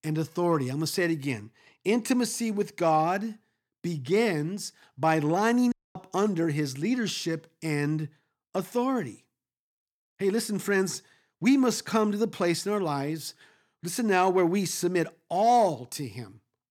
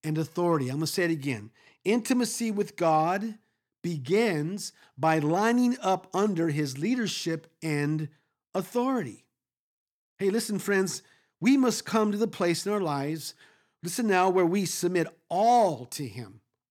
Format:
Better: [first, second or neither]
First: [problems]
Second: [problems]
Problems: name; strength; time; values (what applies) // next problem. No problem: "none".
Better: second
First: audio cutting out; at 5.5 s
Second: none